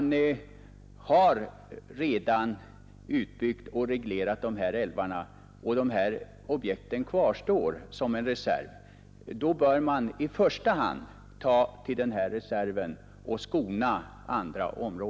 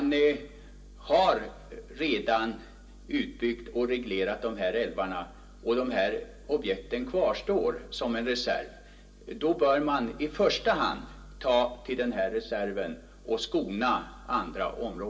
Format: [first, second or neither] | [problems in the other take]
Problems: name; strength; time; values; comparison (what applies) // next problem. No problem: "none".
first | room echo; dies away in 0.2 s